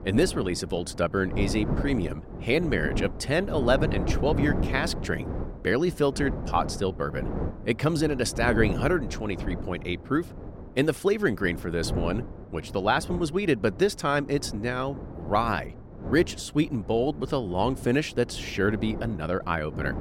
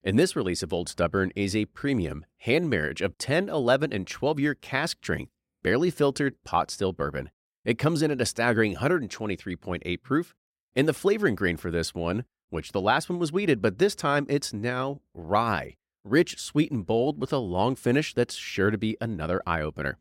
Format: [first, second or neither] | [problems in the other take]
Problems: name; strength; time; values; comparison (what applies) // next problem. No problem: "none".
second | wind noise on the microphone; occasional gusts; 10 dB below the speech